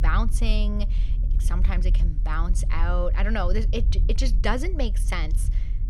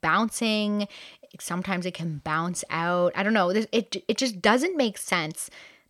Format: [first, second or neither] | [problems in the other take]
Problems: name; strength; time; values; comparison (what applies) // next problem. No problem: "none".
second | low rumble; noticeable; throughout; 15 dB below the speech